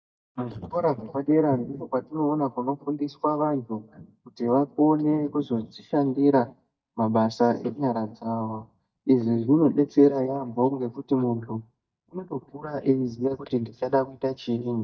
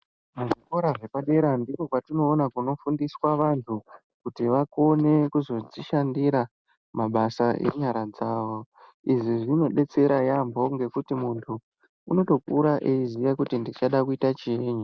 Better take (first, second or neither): second